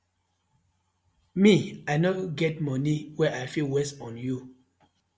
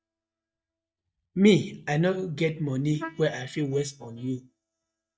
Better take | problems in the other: first | noise reduction (neural mask model DeepFilterNet 3)

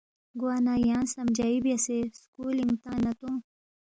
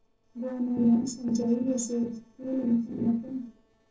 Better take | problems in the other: first | noise reduction (neural separator model SepFormer DNS4)

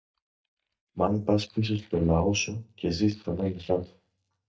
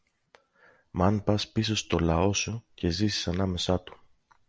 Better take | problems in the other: second | noise reduction (neural mask model DeepFilterNet 3)

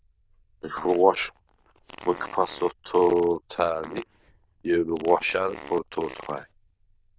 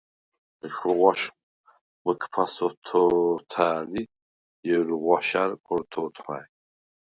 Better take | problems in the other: second | noise reduction (neural diffusion model UNIVERSE++)

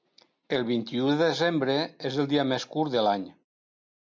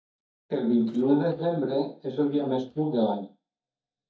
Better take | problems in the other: first | noise reduction (neural mask model DeepFilterNet 3)

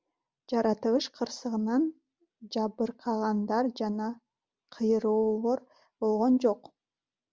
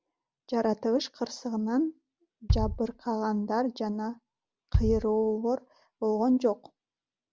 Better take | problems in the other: first | background sound (Bass drum); 4 dB below the speech

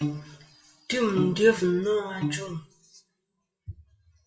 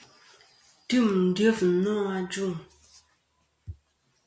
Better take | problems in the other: second | noise reduction (classical method WPE with log-MMSE)

